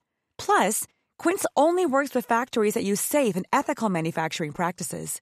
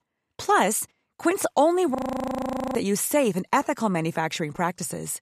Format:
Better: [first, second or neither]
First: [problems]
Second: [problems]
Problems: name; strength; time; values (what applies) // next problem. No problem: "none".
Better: first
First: none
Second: audio freezing; at 2 s for 1 s